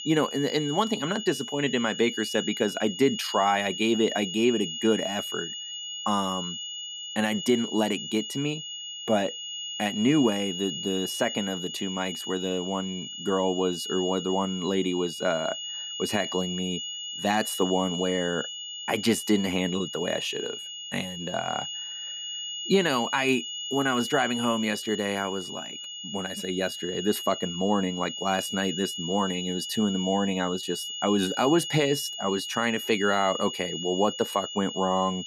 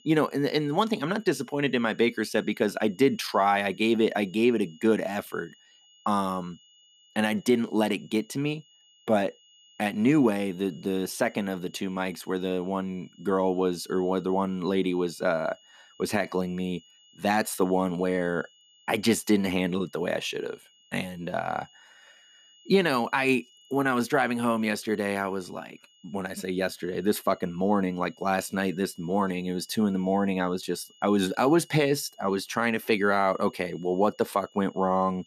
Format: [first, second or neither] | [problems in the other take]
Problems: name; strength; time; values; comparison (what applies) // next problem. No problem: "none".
second | high-pitched whine; loud; throughout; 3 kHz, 6 dB below the speech; faint in the second